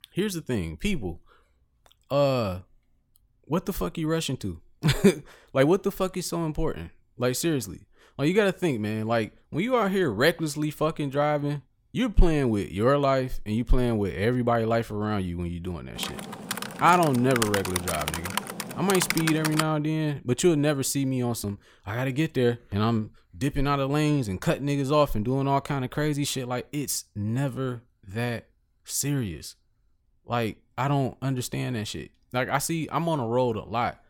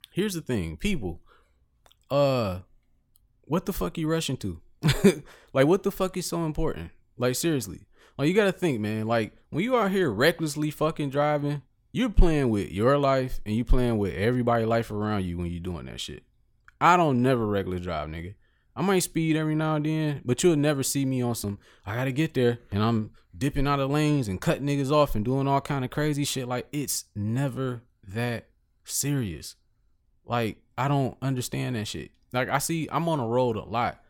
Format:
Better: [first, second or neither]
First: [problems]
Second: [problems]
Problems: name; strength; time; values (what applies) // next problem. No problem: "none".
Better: second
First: keyboard typing; noticeable; from 16 to 20 s; peak level with the speech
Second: none